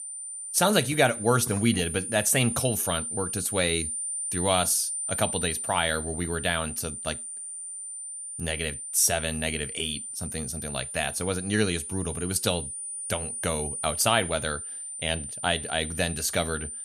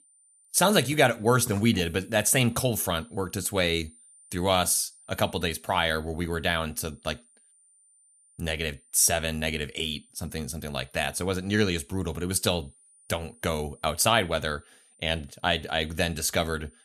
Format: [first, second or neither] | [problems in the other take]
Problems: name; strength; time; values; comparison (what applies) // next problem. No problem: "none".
second | high-pitched whine; loud; throughout; 9 kHz, 5 dB below the speech; faint in the second